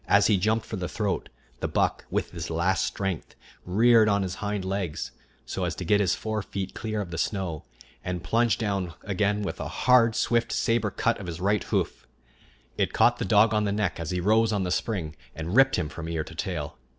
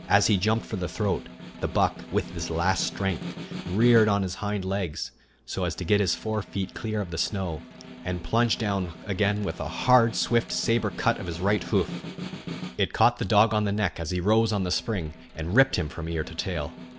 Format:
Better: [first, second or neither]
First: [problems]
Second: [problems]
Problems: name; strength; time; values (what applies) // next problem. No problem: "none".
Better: first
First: none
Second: background sound (Snare drum); 15 dB below the speech